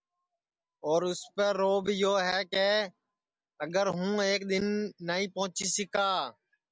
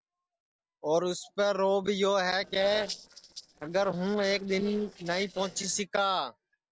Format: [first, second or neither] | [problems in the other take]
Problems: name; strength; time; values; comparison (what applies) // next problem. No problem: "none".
first | noise reduction (neural separator model SepFormer DNS4)